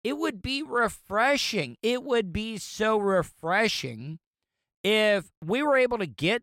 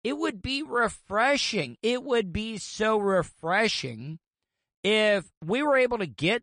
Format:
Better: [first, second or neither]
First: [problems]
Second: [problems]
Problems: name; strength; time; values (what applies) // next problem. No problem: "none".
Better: first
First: none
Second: garbled, watery; slightly; nothing above 9.5 kHz